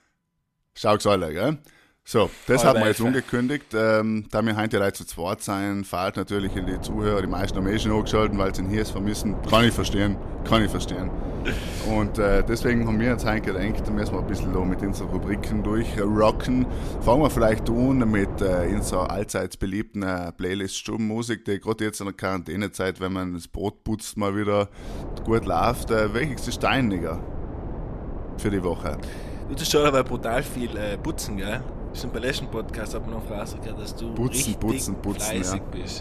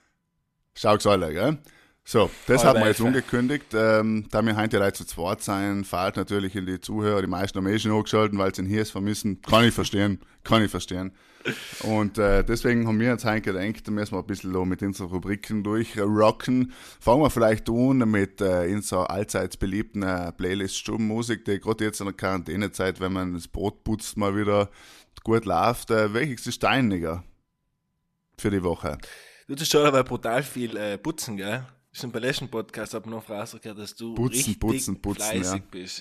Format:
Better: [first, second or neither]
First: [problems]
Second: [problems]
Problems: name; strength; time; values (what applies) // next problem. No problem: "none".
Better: second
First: wind noise on the microphone; occasional gusts; from 6.5 to 19 s and from 25 s on; 10 dB below the speech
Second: none